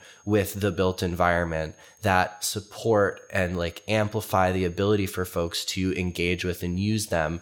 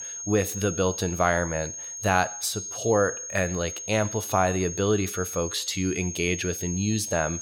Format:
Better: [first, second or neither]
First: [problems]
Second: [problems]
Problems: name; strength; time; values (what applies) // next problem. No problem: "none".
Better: first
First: high-pitched whine; faint; throughout; 6.5 kHz, 30 dB below the speech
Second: high-pitched whine; loud; throughout; 6.5 kHz, 7 dB below the speech